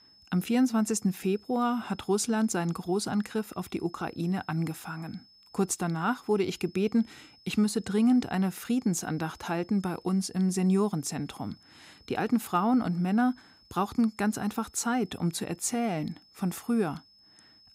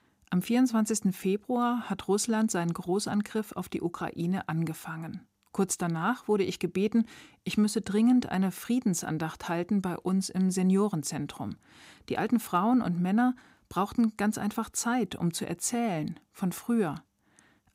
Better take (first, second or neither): second